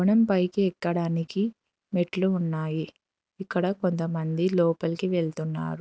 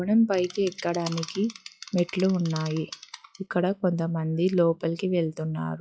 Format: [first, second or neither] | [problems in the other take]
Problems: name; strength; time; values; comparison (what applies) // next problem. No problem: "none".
first | noise reduction (classical method log-MMSE)